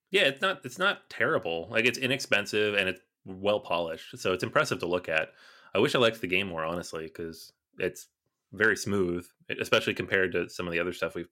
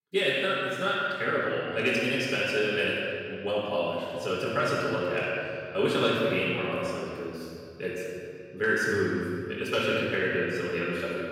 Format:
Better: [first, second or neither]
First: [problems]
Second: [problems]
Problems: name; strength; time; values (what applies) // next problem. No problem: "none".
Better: first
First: none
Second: off-mic speech; far // room echo; strong; dies away in 2.2 s